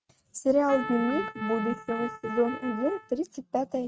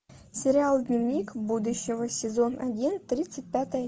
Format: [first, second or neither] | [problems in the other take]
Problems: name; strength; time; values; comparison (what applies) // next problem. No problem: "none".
second | noise reduction (neural mask model RNNoise)